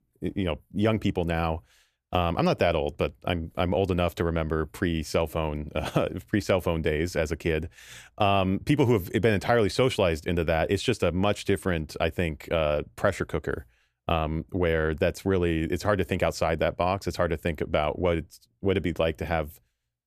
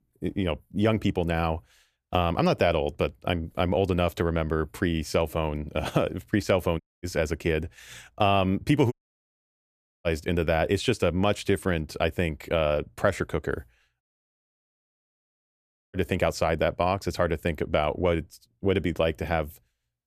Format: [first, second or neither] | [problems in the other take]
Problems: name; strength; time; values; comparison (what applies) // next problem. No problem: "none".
first | audio cutting out; at 7 s, at 9 s for 1 s and at 14 s for 2 s